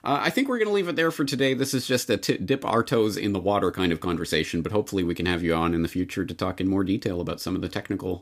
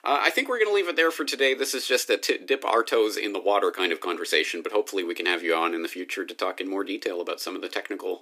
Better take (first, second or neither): first